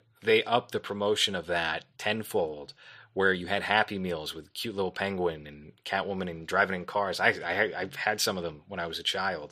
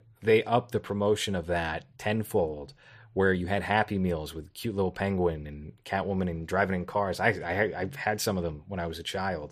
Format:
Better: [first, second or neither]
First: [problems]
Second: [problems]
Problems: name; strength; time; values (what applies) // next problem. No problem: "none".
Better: second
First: thin; very slightly; fading below 600 Hz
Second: none